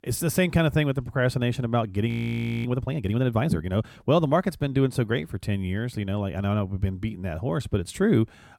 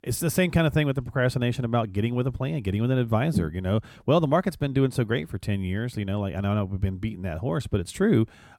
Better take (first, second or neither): second